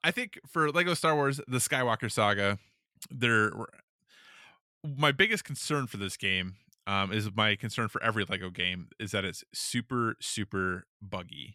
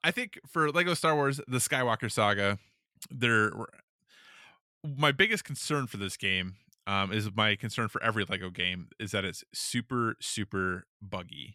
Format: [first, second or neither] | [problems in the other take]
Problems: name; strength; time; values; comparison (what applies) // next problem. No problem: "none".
neither | none